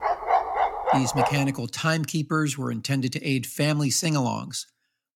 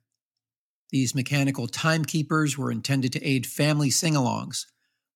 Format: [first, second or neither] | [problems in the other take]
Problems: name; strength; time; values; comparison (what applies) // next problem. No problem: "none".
second | dog barking; loud; until 1.5 s; peak 3 dB above the speech